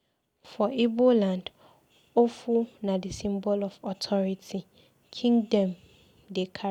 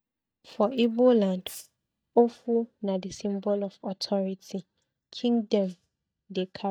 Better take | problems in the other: first | noise reduction (neural mask model DeepFilterNet 3)

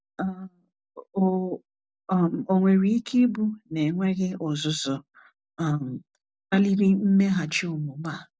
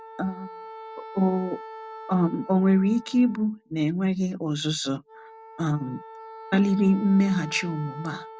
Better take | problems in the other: first | background sound (Wind instrument, woodwind instrument); 17 dB below the speech

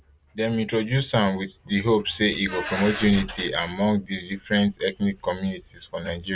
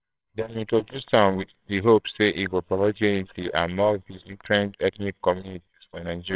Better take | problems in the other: first | noise reduction (neural separator model SepFormer WHAMR!)

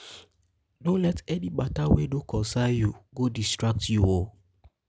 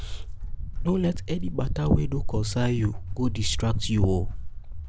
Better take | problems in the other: first | background sound (Walk, footsteps); 2 dB below the speech

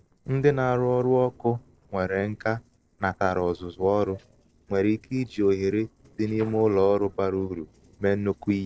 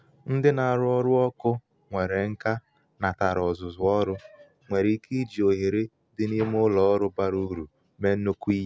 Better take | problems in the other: second | noise reduction (neural separator model SepFormer DNS4)

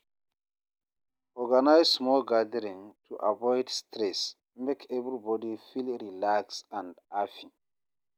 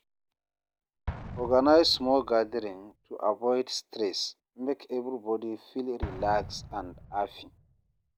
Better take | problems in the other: first | background sound (Explosion); 15 dB below the speech

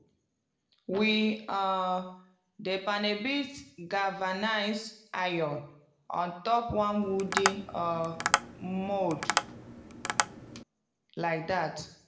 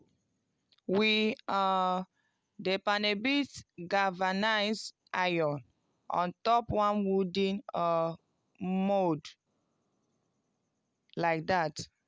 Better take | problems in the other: second | background sound (Tap); 1 dB below the speech // room echo; dies away in 0.6 s

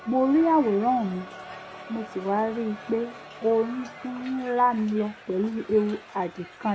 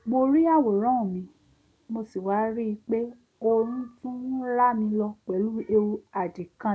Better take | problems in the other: second | background sound (Crowd); 17 dB below the speech

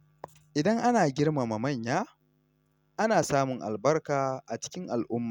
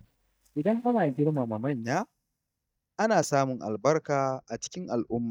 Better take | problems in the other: first | noise reduction (neural mask model DeepFilterNet 3)

